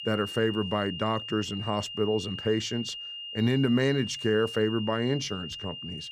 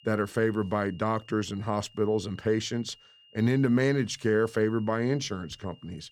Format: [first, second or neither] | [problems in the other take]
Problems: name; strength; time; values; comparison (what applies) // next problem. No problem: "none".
second | high-pitched whine; loud; throughout; 3 kHz, 8 dB below the speech; faint in the second